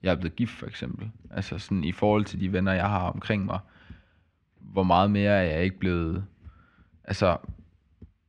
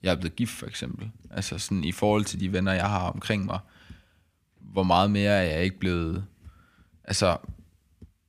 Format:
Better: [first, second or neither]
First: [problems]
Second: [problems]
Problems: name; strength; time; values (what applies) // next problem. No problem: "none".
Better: second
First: muffled; slightly; fading above 3 kHz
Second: none